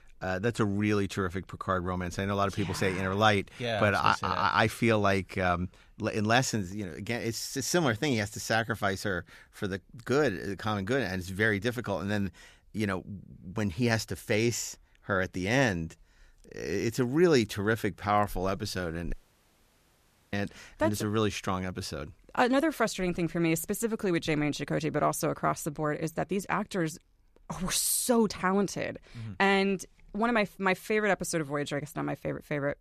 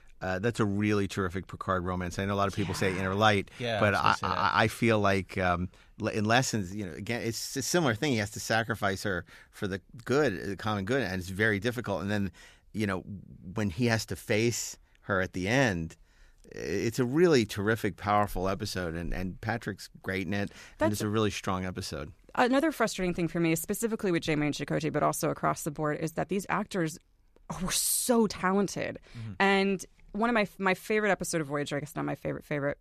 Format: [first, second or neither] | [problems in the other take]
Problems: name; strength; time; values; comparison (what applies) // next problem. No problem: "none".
second | audio cutting out; at 19 s for 1 s